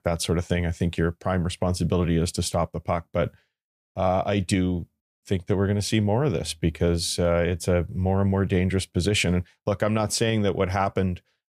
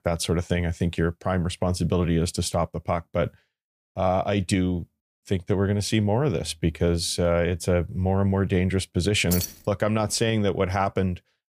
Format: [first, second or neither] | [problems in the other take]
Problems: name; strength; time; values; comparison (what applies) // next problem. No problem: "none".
first | jangling keys; noticeable; at 9.5 s; peak 4 dB below the speech